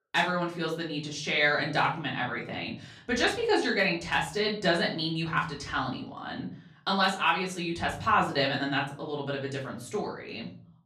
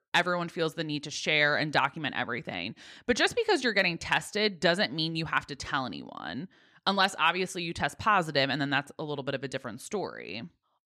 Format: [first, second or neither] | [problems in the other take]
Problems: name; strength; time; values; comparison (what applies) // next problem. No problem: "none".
second | room echo; slight; dies away in 0.5 s // off-mic speech; far